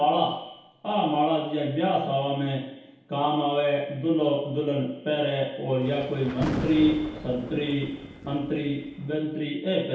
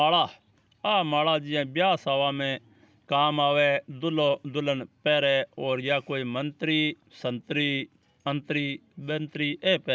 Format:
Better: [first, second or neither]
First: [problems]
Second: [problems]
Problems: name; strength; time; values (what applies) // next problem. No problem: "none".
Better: second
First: background sound (Thunder); 10 dB below the speech // room echo; dies away in 2.2 s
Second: none